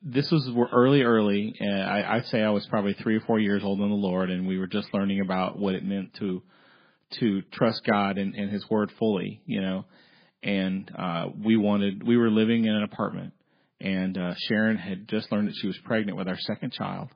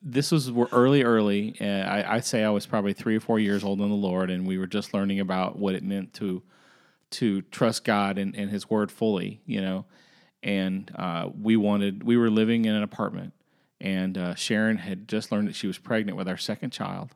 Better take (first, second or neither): second